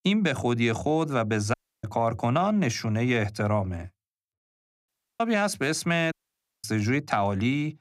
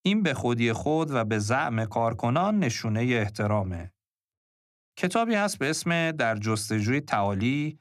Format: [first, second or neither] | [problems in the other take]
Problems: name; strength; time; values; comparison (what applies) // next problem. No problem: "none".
second | audio cutting out; at 1.5 s, at 5 s and at 6 s for 0.5 s